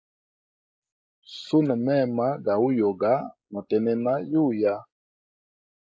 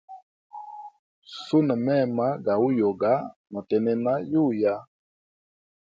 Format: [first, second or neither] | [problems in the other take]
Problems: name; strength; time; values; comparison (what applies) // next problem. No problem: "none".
second | noise reduction (neural mask model Resemble Enhance denoiser)